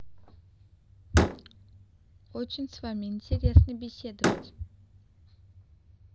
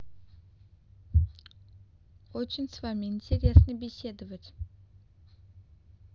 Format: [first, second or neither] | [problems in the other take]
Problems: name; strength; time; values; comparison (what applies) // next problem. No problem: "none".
second | background sound (Slam); 7 dB below the speech